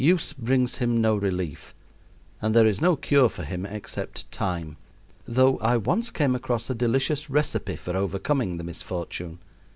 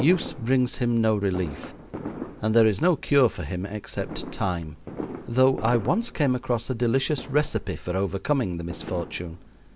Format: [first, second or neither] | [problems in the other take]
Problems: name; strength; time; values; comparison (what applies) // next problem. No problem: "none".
first | background sound (Fireworks); 14 dB below the speech